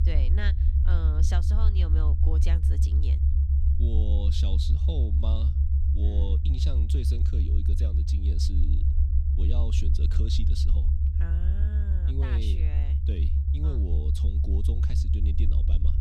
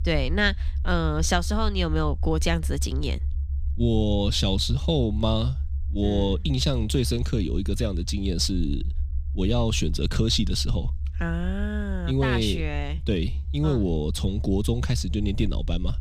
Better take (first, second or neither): second